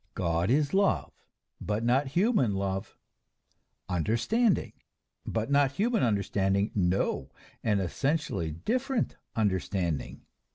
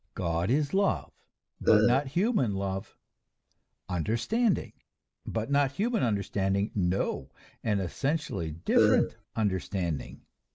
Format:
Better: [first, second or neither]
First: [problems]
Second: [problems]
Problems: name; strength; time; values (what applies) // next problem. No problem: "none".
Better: first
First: none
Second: noise reduction (neural mask model Resemble Enhance denoiser)